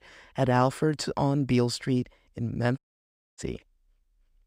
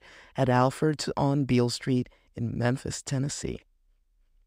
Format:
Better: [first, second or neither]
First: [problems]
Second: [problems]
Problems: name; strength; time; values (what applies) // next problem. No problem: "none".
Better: second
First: audio cutting out; at 3 s for 0.5 s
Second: none